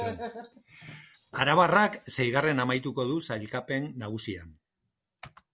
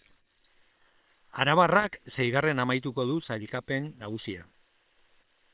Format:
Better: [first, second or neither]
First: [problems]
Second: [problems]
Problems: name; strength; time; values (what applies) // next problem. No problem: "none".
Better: first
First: none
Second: noise reduction (neural separator model SepFormer WHAM!)